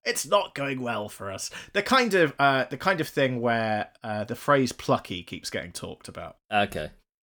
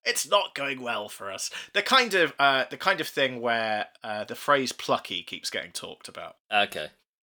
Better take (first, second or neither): first